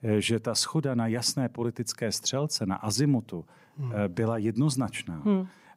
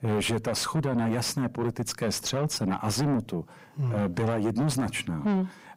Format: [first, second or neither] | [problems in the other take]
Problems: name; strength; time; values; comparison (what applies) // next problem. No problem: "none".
first | distortion; heavy; 6 dB below the speech